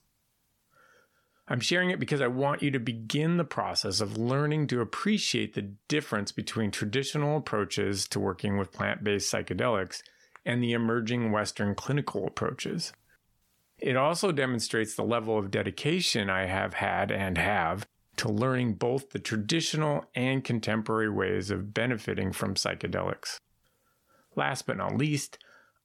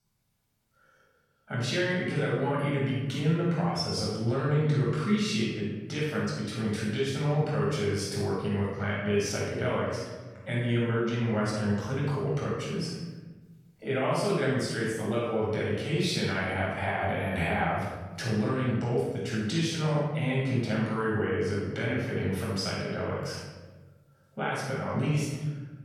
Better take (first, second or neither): first